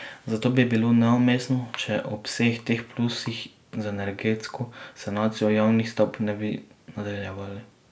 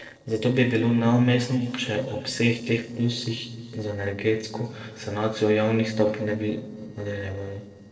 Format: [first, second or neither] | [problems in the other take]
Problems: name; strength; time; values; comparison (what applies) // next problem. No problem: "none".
first | noise reduction (neural separator model SepFormer DNS4)